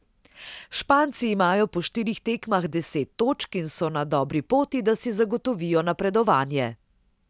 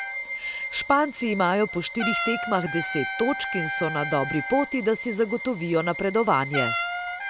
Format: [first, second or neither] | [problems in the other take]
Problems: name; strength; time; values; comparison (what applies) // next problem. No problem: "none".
first | background sound (Trumpet + Bowed string instrument); 5 dB below the speech